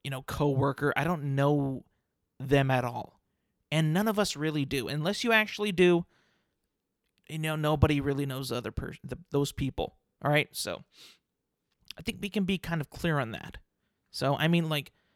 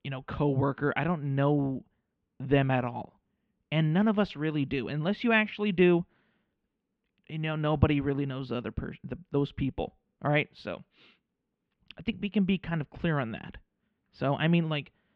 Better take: first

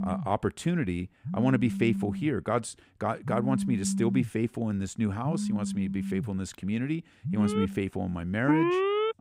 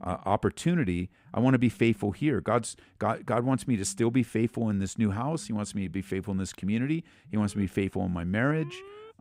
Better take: second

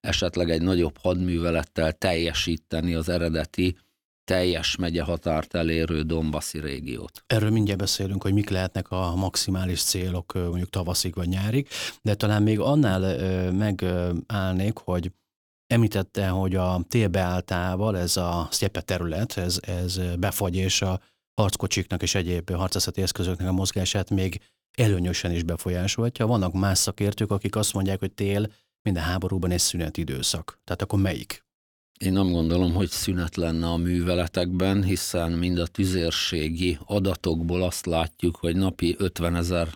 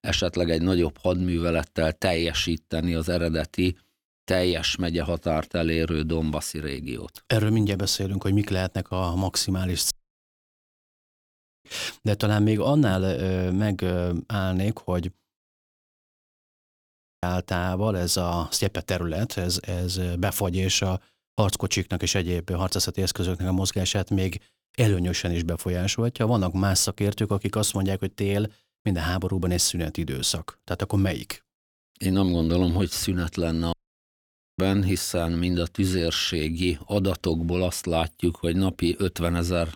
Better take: first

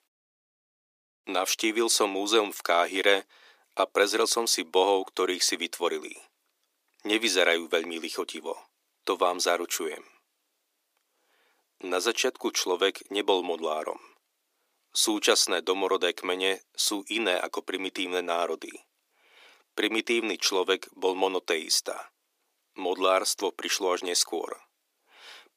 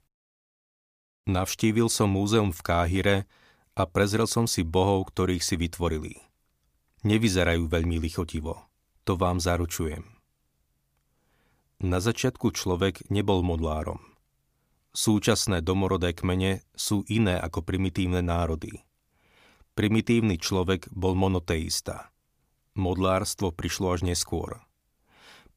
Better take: second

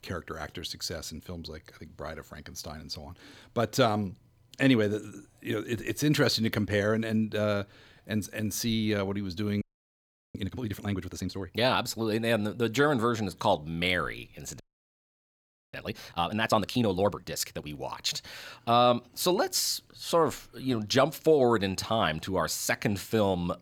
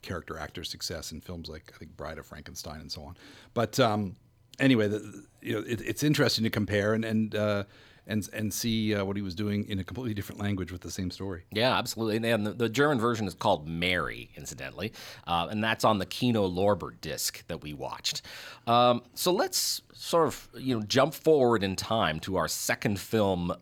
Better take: second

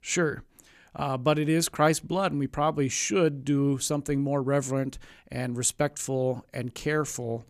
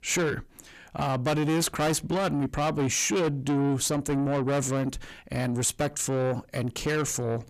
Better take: first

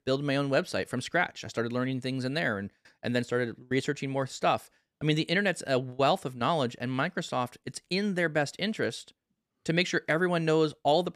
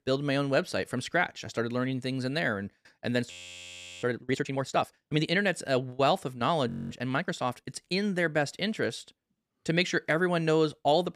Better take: first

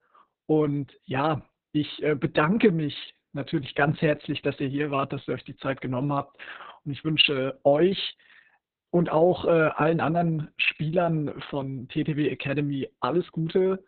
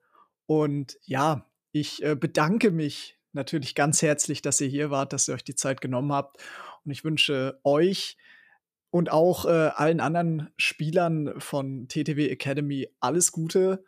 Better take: second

